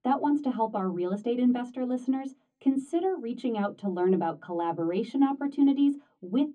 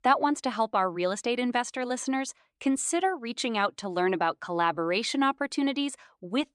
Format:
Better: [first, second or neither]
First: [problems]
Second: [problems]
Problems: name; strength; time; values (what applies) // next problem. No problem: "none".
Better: second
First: room echo; slight; dies away in 0.3 s // off-mic speech; far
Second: none